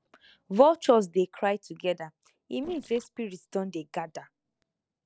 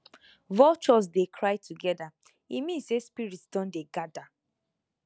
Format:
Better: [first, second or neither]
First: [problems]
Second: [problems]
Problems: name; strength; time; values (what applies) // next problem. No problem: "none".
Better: second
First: noise reduction (neural separator model SepFormer DNS4)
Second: none